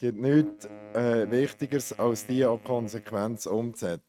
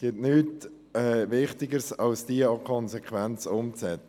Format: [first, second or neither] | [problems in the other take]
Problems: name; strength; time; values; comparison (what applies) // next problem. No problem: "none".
second | noise reduction (neural mask model RNNoise)